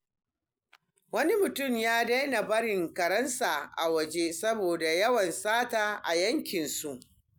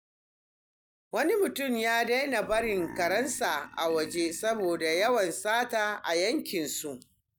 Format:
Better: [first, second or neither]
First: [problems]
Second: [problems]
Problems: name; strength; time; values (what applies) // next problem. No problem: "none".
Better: first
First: none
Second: noise reduction (neural mask model DeepFilterNet 3)